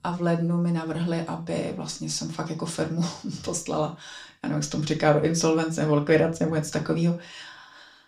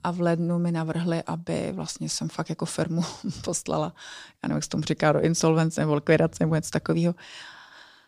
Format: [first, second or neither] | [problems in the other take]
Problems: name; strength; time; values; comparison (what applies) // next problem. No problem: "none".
second | room echo; very slight; dies away in 0.3 s